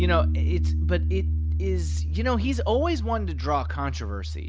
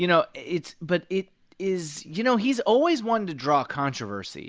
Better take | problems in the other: second | background sound (Piano); 4 dB above the speech

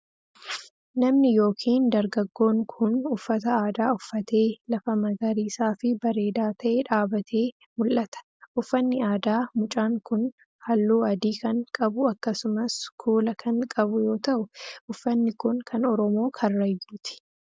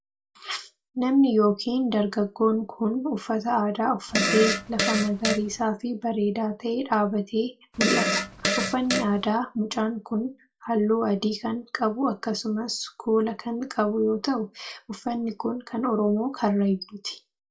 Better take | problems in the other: first | background sound (Fart); 1 dB below the speech // room echo; dies away in 0.2 s

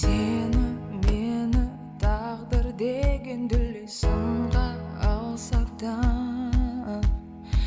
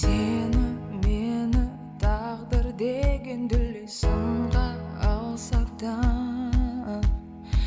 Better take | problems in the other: second | background sound (Slam); 17 dB below the speech

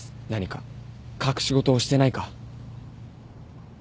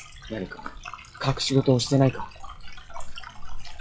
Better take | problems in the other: first | noise reduction (classical method log-MMSE)

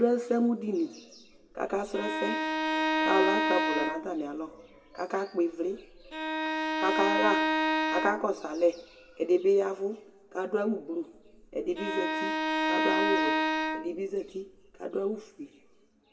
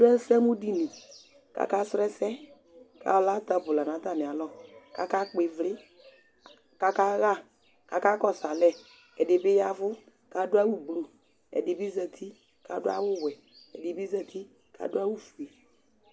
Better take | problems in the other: second | background sound (Bowed string instrument); 1 dB above the speech // room echo; dies away in 1.5 s

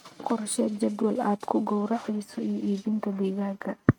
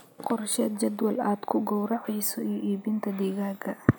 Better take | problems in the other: second | noise reduction (neural mask model RNNoise)

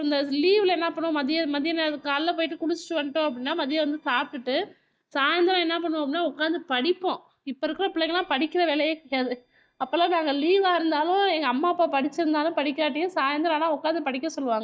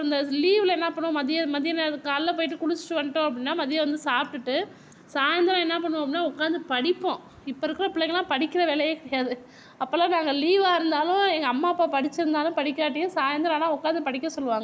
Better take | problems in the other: second | noise reduction (neural mask model DeepFilterNet 3)

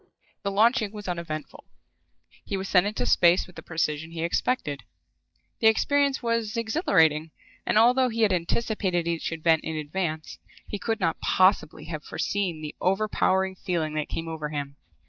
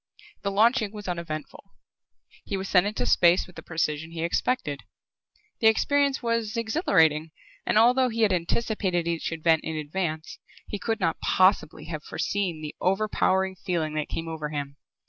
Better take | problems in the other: second | noise reduction (neural mask model DeepFilterNet 3)

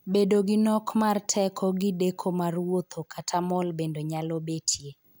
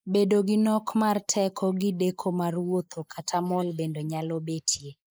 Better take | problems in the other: first | noise reduction (neural mask model Resemble Enhance denoiser)

